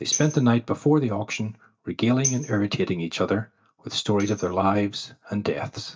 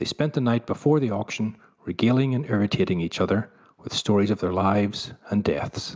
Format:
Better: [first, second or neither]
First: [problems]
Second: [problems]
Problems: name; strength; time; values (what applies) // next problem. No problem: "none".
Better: second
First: noise reduction (neural mask model DeepFilterNet 3)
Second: none